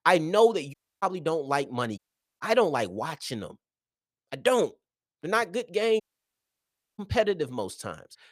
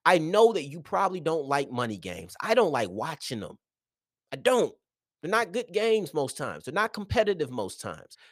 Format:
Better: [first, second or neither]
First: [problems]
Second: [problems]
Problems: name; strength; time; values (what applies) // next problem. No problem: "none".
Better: second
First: audio cutting out; at 0.5 s, at 2 s and at 6 s for 1 s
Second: none